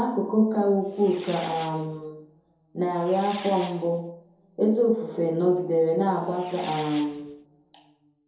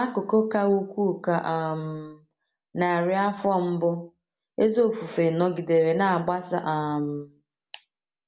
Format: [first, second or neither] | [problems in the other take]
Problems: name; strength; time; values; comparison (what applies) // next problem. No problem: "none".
second | background sound (Fireworks); 19 dB below the speech // room echo; dies away in 2.6 s